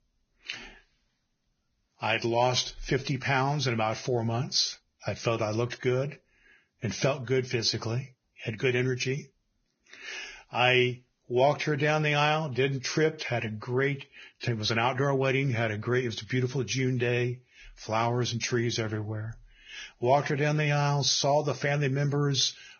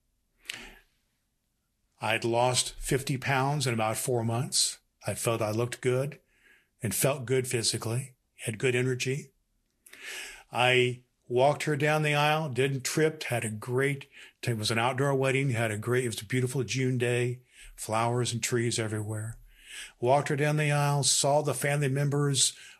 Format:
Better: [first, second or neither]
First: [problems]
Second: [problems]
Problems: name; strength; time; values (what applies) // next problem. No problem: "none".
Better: second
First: garbled, watery; badly; nothing above 6.5 kHz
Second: garbled, watery; slightly; nothing above 12.5 kHz